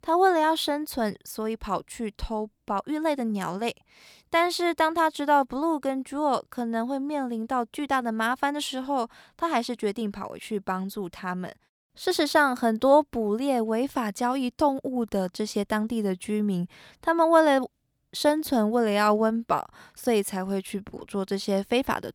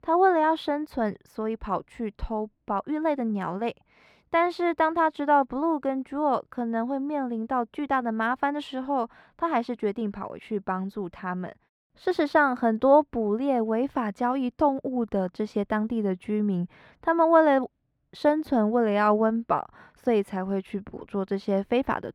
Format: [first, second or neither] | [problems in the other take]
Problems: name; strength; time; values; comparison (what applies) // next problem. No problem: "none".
first | muffled; slightly; fading above 3.5 kHz